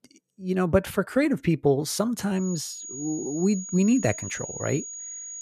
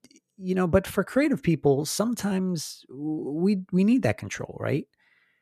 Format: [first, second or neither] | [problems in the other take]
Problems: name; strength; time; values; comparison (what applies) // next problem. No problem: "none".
second | high-pitched whine; loud; from 2.5 s on; 6.5 kHz, 10 dB below the speech